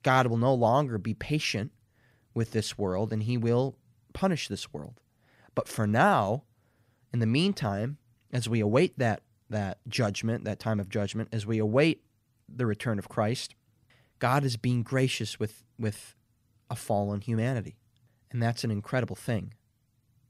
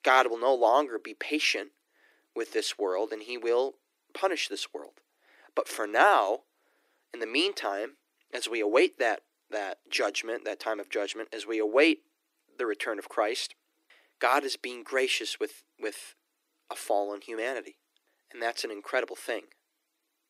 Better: first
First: none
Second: thin; very; fading below 300 Hz

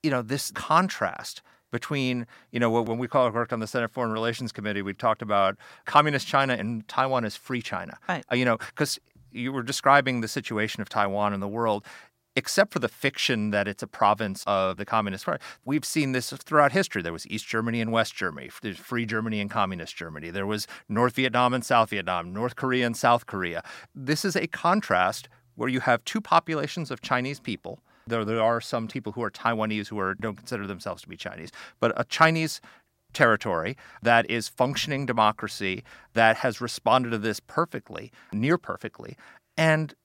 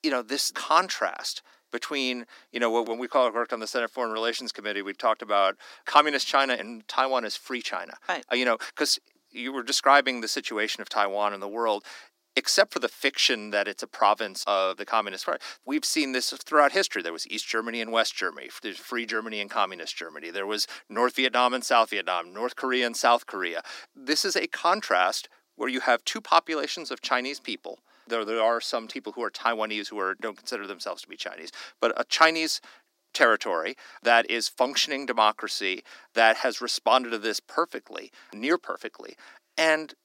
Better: first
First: none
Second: thin; somewhat; fading below 250 Hz

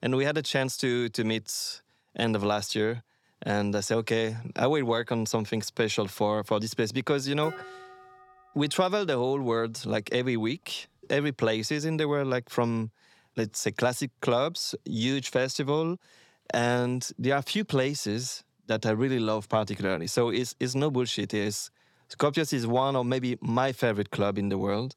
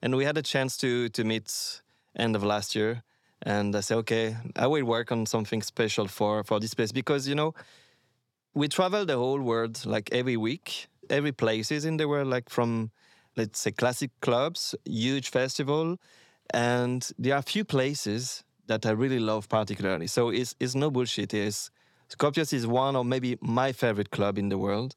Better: second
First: clattering dishes; faint; at 7.5 s; peak 15 dB below the speech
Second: none

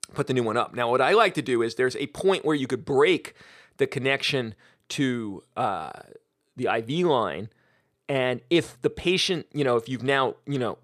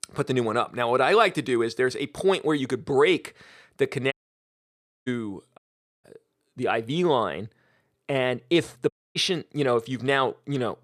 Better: first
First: none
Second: audio cutting out; at 4 s for 1 s, at 5.5 s and at 9 s

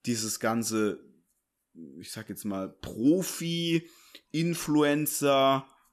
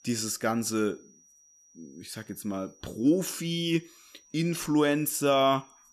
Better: first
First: none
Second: high-pitched whine; faint; throughout; 6 kHz, 30 dB below the speech

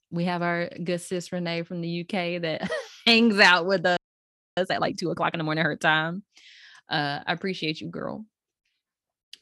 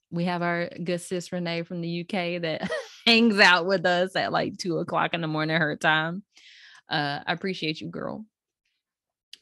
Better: second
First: audio freezing; at 4 s for 0.5 s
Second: none

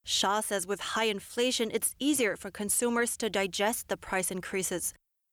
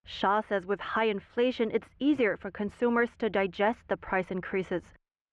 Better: first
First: none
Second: muffled; very; fading above 2 kHz

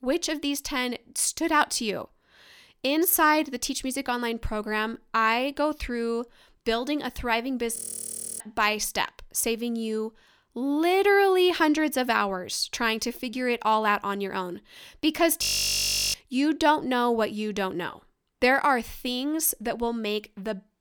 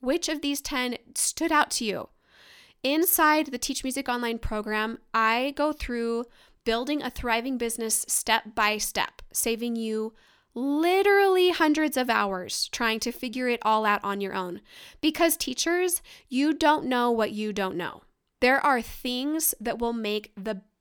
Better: second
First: audio freezing; at 8 s for 0.5 s and at 15 s for 0.5 s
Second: none

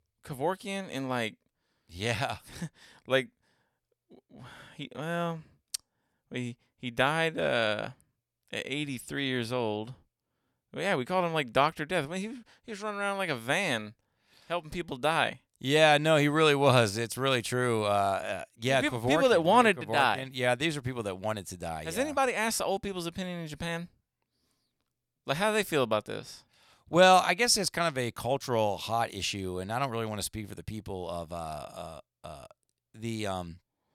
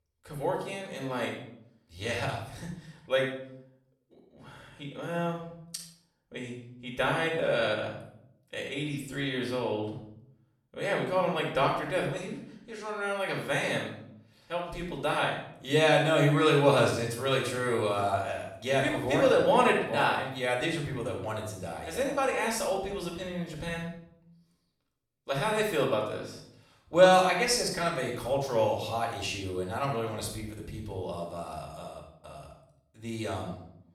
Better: first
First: none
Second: off-mic speech; far // room echo; noticeable; dies away in 0.6 s

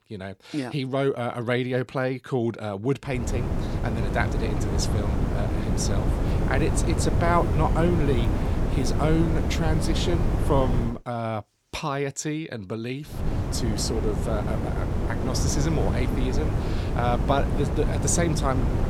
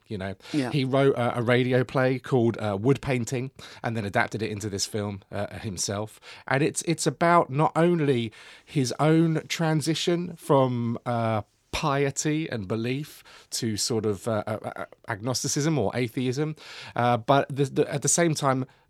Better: second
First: wind noise on the microphone; heavy; from 3 to 11 s and from 13 s on; 4 dB below the speech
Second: none

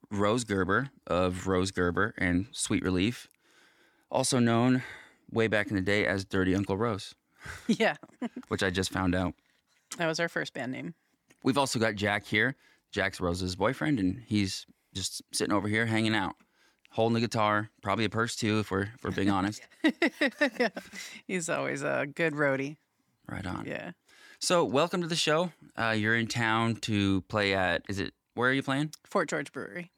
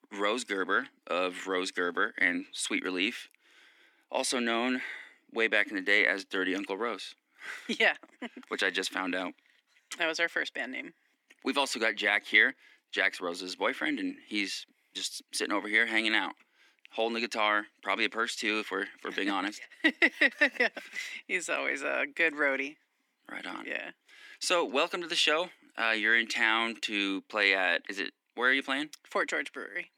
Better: first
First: none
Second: thin; somewhat; fading below 250 Hz

